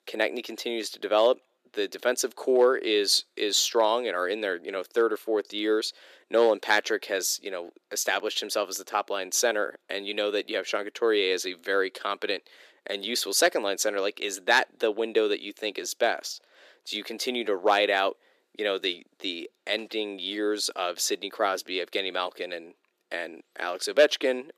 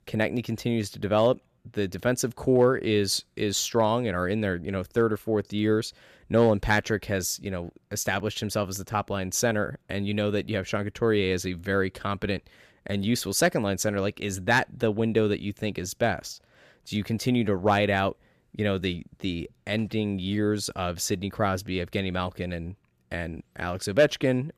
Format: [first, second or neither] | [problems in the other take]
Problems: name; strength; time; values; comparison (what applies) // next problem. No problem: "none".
second | thin; very; fading below 350 Hz